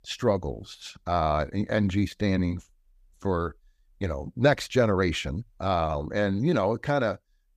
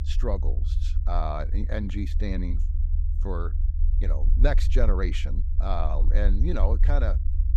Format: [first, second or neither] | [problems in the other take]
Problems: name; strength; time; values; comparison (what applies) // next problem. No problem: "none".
first | low rumble; noticeable; throughout; 15 dB below the speech